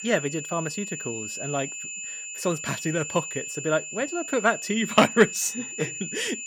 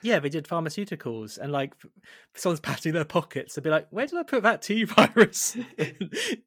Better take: second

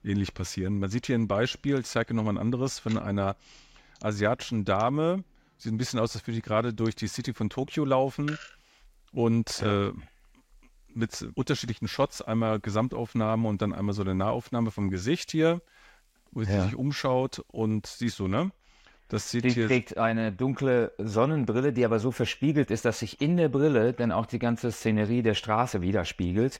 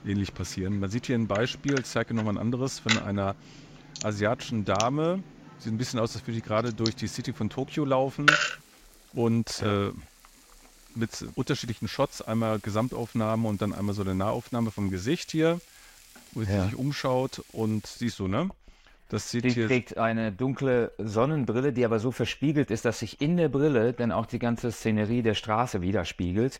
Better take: first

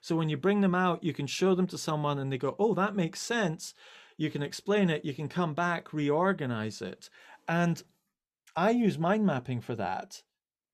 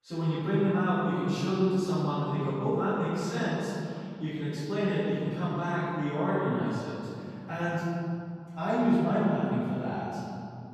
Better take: first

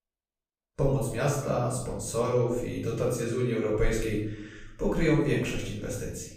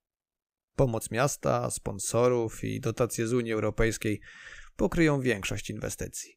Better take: second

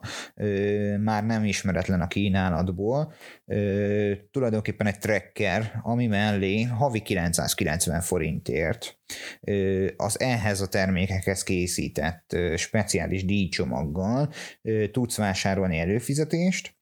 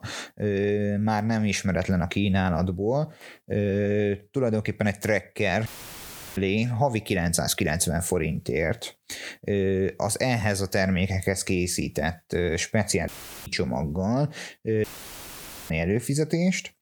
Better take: first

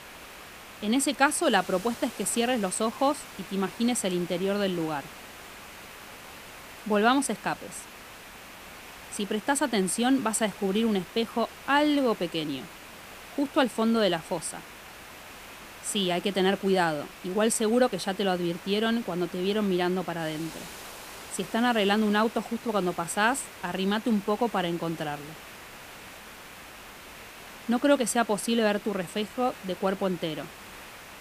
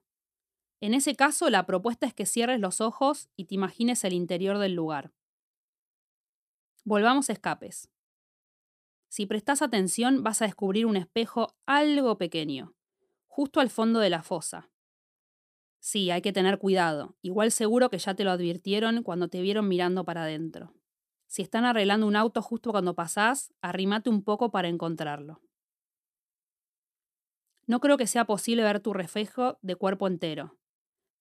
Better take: second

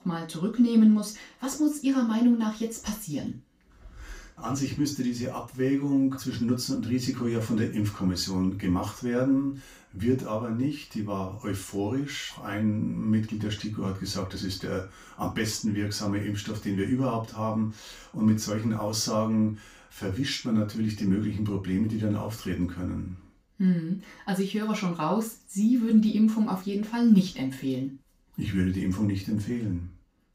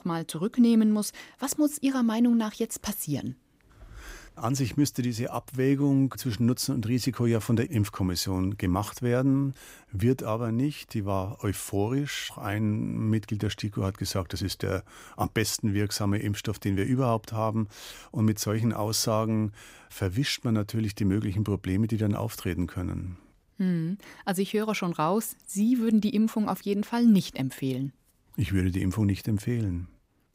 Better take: second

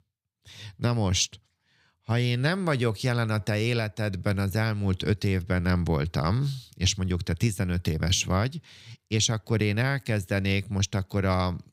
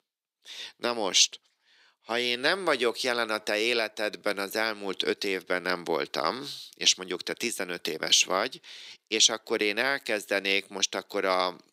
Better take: first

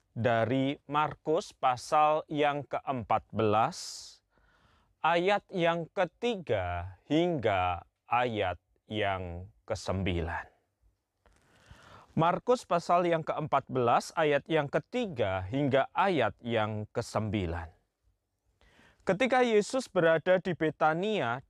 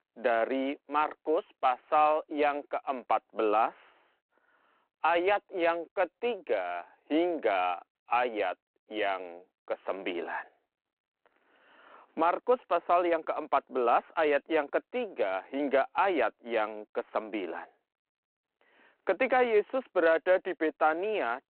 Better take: first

